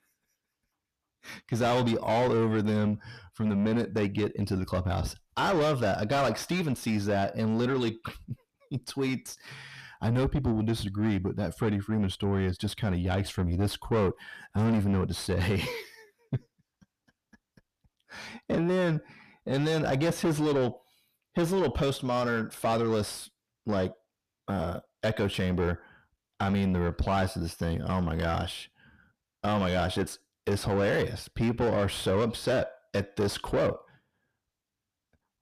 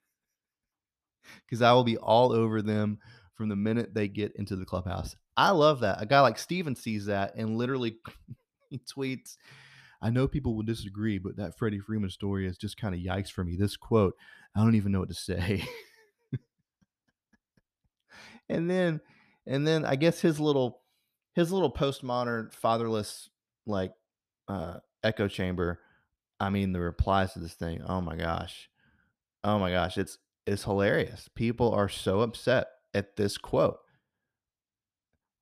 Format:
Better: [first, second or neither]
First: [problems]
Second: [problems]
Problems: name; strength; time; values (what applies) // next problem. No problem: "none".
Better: second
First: distortion; heavy; 6 dB below the speech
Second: none